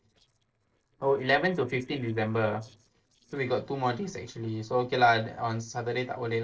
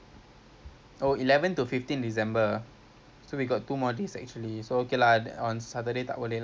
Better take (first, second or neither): second